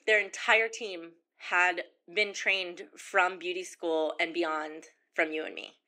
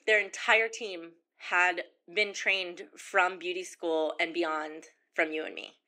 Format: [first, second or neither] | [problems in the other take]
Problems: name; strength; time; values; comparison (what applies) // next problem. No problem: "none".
neither | thin; very; fading below 300 Hz; the same in both